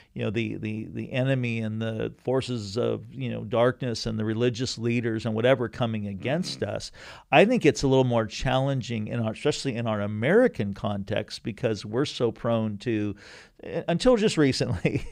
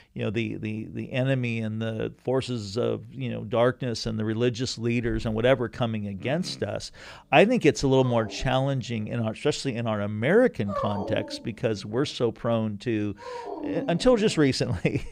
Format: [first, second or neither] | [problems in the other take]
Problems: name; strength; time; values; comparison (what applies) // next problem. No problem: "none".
first | animal sounds; noticeable; throughout; 10 dB below the speech